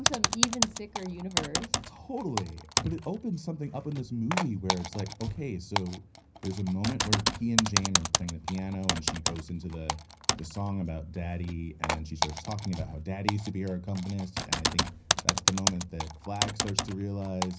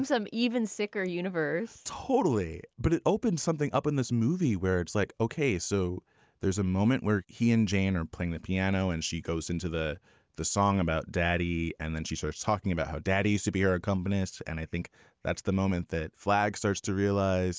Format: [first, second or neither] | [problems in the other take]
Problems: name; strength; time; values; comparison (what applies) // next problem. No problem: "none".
second | background sound (Typing); 2 dB above the speech // room echo; dies away in 0.4 s